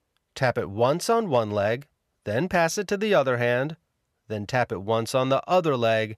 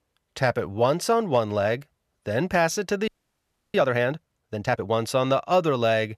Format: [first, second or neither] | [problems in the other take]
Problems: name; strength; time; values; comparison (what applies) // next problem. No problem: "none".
first | audio freezing; at 3 s for 0.5 s